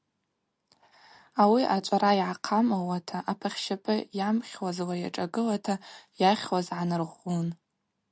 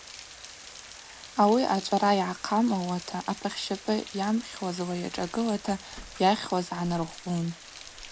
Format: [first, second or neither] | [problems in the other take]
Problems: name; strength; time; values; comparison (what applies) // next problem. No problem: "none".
first | background sound (Rain); 16 dB below the speech